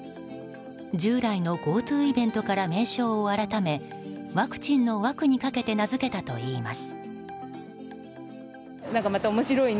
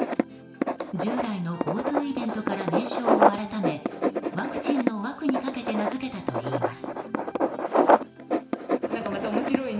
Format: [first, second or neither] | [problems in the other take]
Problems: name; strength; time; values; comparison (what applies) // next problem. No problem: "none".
first | background sound (Writing); 5 dB above the speech // room echo; dies away in 1.6 s